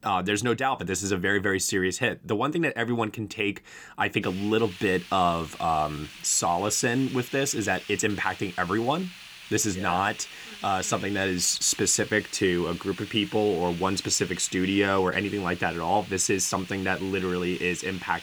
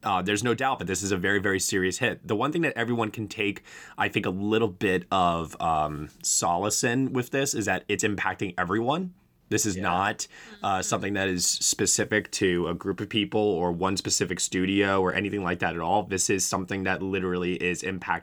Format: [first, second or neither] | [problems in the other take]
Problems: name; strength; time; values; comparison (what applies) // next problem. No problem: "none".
second | hiss; noticeable; from 4 s on; 15 dB below the speech